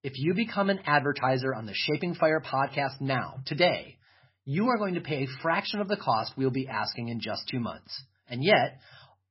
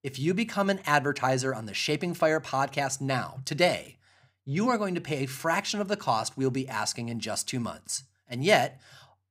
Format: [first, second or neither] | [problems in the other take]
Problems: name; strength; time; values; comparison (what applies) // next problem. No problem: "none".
second | garbled, watery; badly; nothing above 5.5 kHz